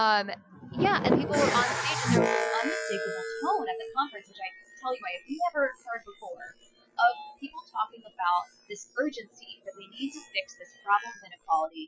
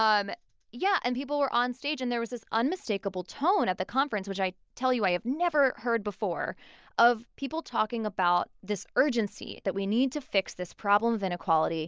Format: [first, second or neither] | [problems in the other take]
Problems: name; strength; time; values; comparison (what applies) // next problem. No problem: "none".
second | noise reduction (classical method Wiener filter)